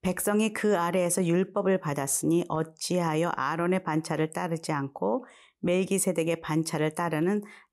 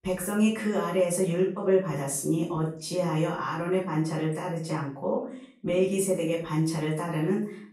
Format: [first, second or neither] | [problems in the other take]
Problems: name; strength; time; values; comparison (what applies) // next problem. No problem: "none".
first | off-mic speech; far // room echo; noticeable; dies away in 0.4 s